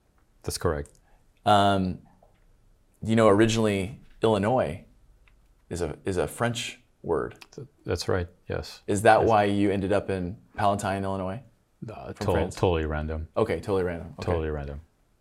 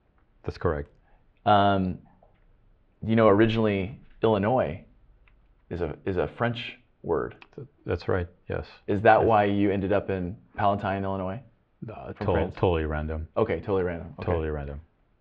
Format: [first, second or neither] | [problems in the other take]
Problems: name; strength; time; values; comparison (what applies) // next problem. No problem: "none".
first | muffled; very; fading above 3 kHz